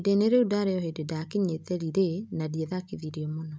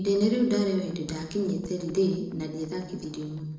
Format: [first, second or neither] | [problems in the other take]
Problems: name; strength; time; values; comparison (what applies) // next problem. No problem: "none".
first | noise reduction (neural separator model SepFormer DNS4)